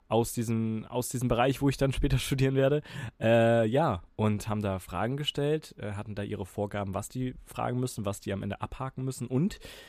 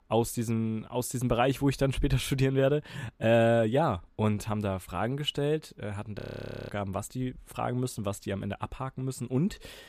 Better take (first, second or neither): first